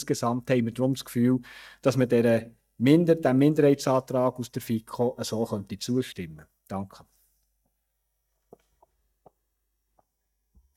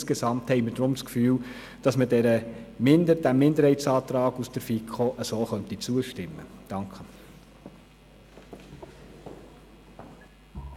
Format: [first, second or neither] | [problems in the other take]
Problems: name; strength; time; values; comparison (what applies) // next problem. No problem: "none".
second | noise reduction (neural mask model DeepFilterNet 3)